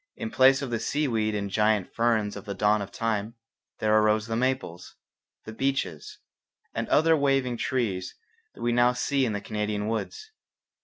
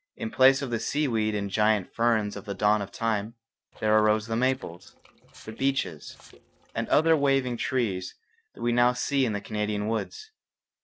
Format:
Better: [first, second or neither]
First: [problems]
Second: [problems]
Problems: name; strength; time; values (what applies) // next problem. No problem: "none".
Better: first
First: none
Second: noise reduction (neural separator model SepFormer DNS4)